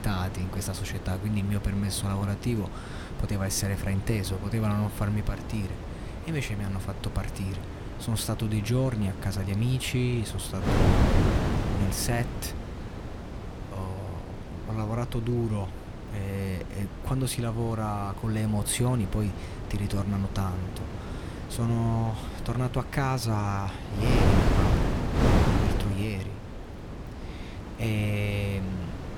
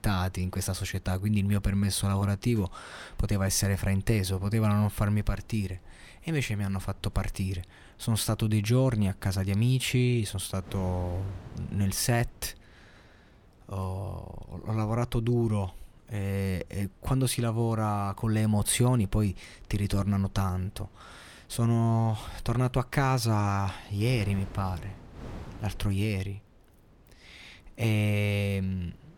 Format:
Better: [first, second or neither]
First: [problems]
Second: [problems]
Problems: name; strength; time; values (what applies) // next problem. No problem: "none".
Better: second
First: wind noise on the microphone; heavy; 2 dB below the speech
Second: wind noise on the microphone; occasional gusts; 25 dB below the speech